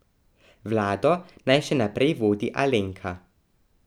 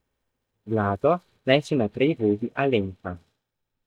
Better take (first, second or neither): first